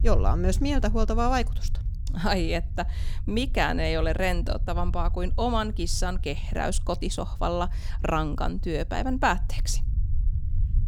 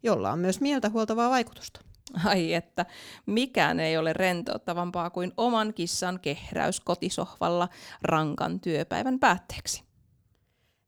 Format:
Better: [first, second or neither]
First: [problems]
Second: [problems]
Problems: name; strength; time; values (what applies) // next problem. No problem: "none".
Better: second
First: low rumble; faint; throughout; 20 dB below the speech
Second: none